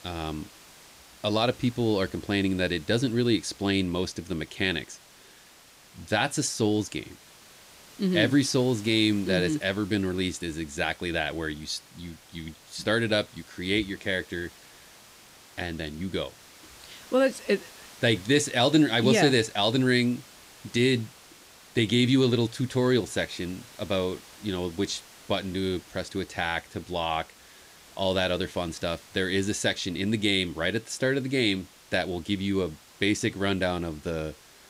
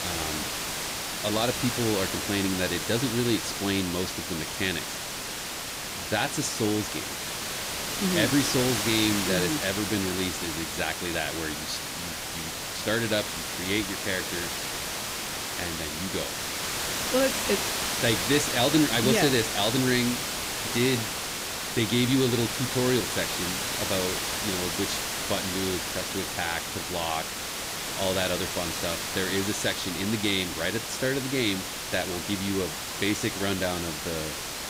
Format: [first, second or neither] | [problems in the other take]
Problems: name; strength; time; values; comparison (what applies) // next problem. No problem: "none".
first | hiss; loud; throughout; 1 dB below the speech; faint in the first